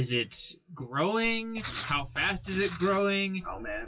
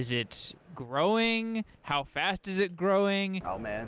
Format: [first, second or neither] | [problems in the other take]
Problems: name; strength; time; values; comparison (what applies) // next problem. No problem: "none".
second | noise reduction (classical method WPE with log-MMSE)